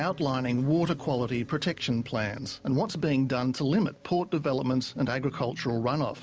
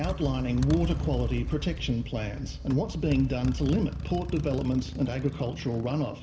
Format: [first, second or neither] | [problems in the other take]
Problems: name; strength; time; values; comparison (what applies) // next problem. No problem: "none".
first | background sound (Motorcycle); 5 dB below the speech // room echo; dies away in 1.5 s